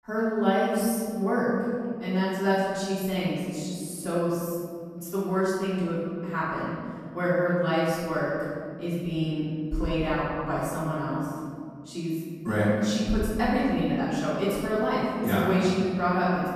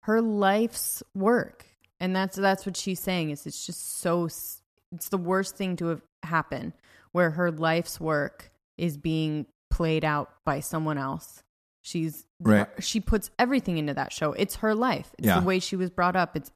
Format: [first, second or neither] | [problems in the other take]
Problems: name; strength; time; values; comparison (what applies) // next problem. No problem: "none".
second | off-mic speech; far // room echo; strong; dies away in 2.2 s